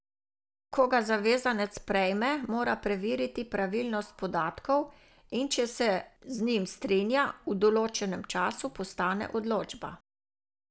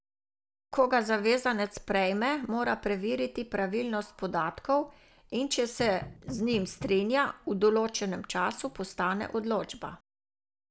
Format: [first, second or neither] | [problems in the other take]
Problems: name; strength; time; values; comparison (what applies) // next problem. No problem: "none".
first | background sound (Knock); 14 dB below the speech